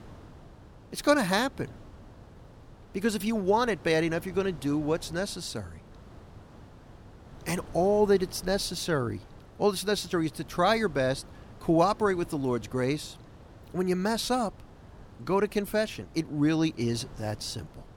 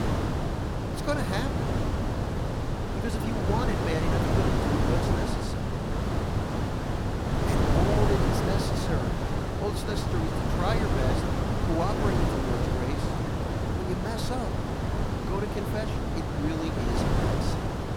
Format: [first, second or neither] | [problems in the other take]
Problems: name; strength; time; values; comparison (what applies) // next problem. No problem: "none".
first | wind noise on the microphone; heavy; 3 dB above the speech; occasional gusts in the first